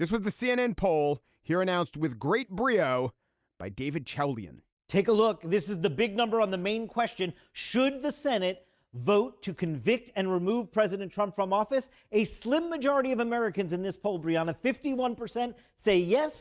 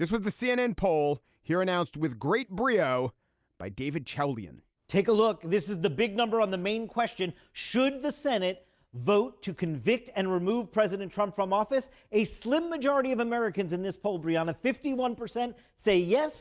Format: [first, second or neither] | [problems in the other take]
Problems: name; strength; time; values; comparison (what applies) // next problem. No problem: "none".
second | noise reduction (neural mask model DeepFilterNet 3)